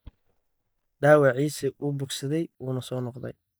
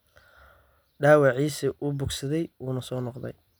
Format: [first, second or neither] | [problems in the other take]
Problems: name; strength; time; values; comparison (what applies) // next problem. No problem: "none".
second | noise reduction (neural mask model DeepFilterNet 3)